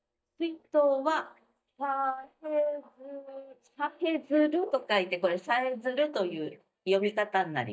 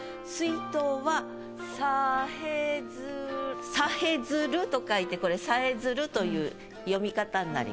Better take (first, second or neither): second